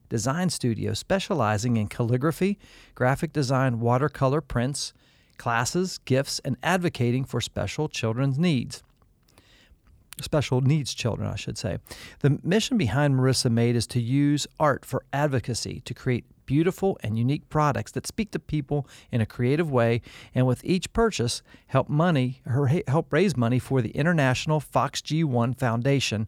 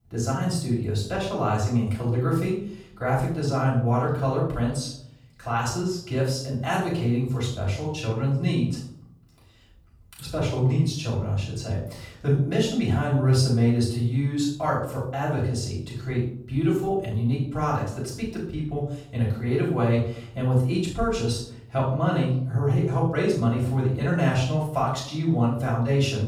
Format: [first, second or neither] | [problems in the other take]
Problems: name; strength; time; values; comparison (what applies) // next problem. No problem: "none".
first | off-mic speech; far // room echo; noticeable; dies away in 0.5 s